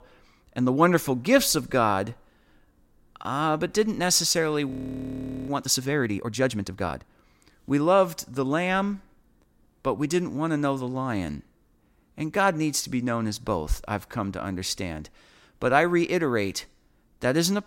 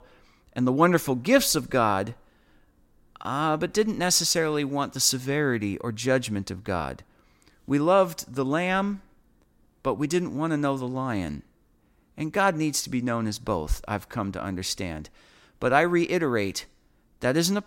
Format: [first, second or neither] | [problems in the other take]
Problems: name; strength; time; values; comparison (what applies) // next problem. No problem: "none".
second | audio freezing; at 4.5 s for 1 s